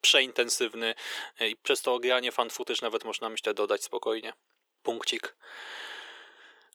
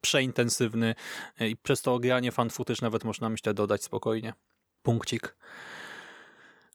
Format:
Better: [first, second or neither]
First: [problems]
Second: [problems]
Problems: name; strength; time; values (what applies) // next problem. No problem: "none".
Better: second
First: thin; very; fading below 350 Hz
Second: none